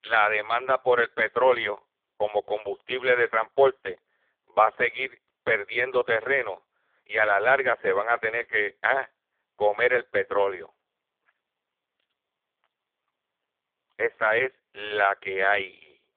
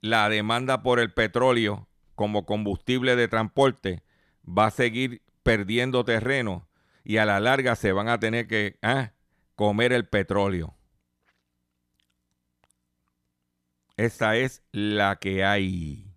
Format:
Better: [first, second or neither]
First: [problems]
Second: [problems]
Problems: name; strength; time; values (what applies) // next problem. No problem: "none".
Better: second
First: phone-call audio; poor line; nothing above 3.5 kHz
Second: none